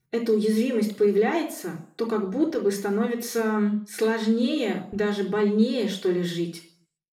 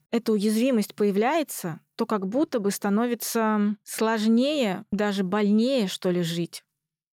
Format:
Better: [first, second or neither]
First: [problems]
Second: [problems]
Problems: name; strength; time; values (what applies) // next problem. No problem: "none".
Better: second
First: room echo; slight; dies away in 0.5 s // off-mic speech; somewhat distant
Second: none